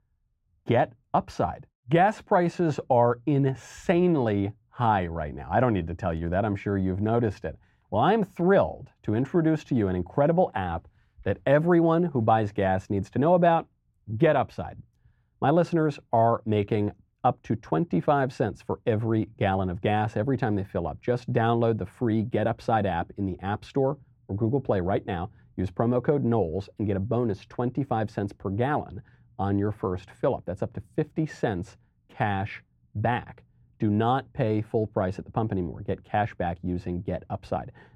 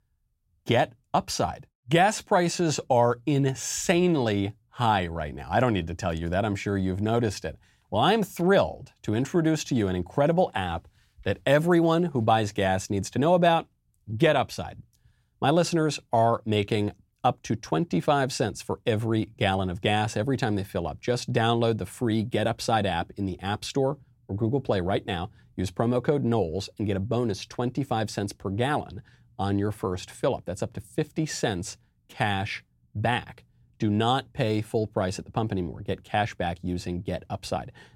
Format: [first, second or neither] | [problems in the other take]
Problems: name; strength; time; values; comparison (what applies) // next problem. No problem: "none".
second | muffled; very; fading above 3 kHz